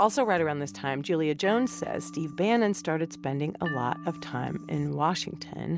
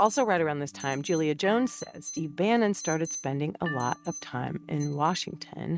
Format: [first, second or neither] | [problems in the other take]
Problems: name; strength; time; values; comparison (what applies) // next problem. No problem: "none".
first | noise reduction (neural mask model RNNoise)